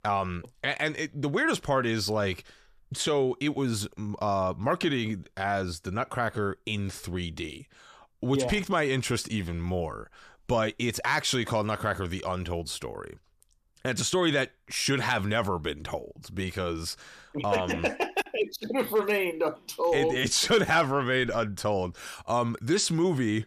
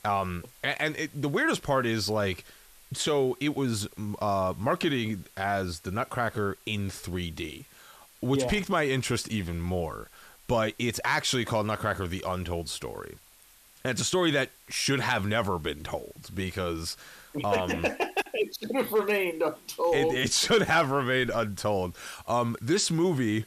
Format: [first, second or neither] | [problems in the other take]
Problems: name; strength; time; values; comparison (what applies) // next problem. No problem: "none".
first | hiss; faint; throughout; 25 dB below the speech